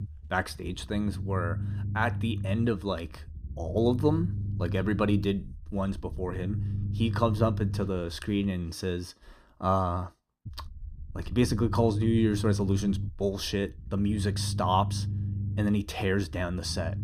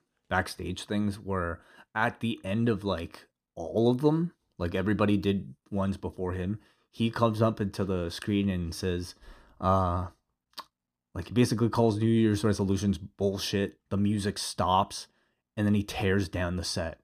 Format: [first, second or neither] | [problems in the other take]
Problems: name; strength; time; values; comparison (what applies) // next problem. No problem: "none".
second | low rumble; noticeable; until 8.5 s and from 10 s on; 15 dB below the speech